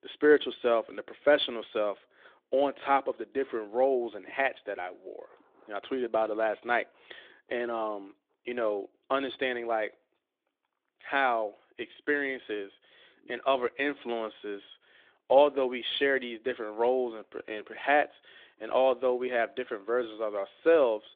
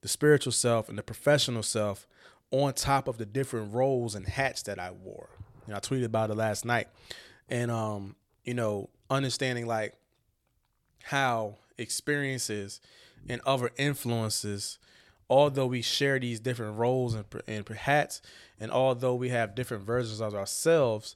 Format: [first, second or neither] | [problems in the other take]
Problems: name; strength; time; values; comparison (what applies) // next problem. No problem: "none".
second | phone-call audio; nothing above 3.5 kHz